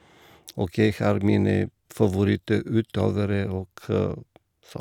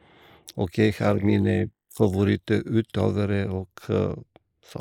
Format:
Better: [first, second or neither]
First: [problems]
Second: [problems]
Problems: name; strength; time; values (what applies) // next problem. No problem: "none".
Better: first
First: none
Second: noise reduction (neural mask model Resemble Enhance denoiser)